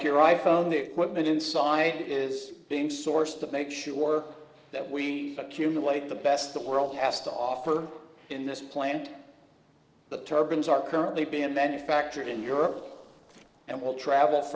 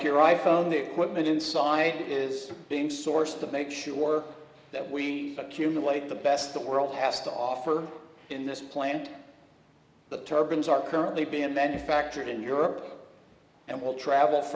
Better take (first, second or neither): second